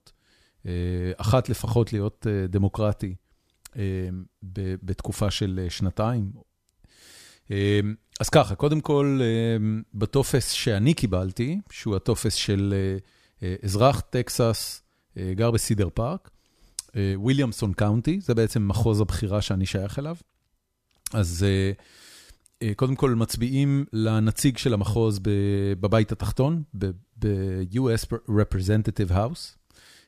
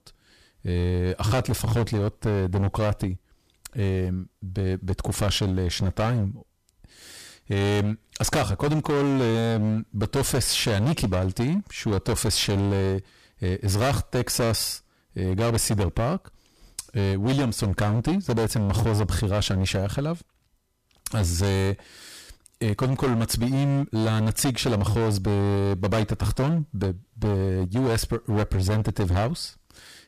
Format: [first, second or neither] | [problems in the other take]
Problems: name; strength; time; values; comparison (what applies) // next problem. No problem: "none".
first | distortion; heavy; 20% of the sound clipped